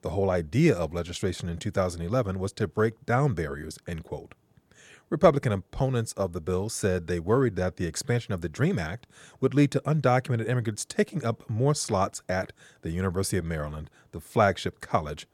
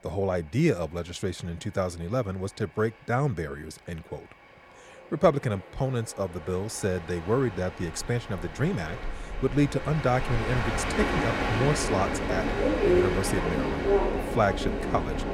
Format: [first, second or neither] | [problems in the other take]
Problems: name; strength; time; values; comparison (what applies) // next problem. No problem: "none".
first | train or aircraft noise; very loud; throughout; as loud as the speech